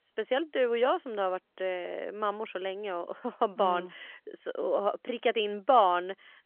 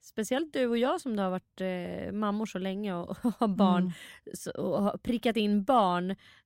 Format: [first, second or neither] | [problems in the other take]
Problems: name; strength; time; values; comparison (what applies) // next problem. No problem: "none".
second | phone-call audio; nothing above 3 kHz